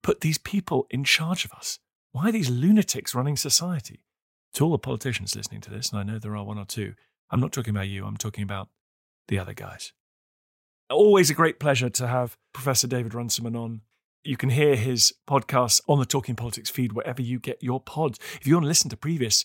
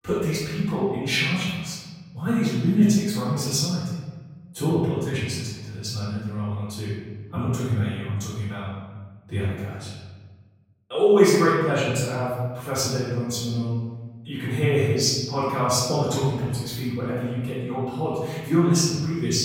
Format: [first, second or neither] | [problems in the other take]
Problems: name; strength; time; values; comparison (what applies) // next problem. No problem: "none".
first | off-mic speech; far // room echo; strong; dies away in 1.3 s